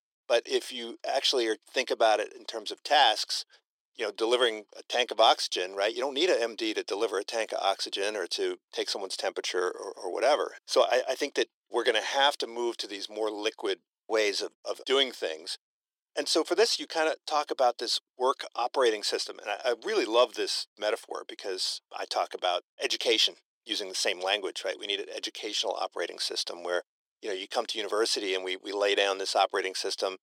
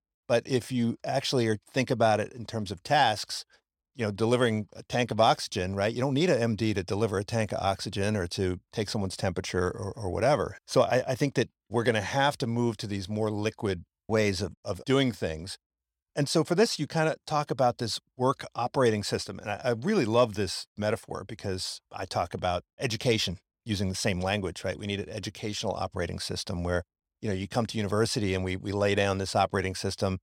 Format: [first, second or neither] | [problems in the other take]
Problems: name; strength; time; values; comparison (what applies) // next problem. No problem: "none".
second | thin; very; fading below 350 Hz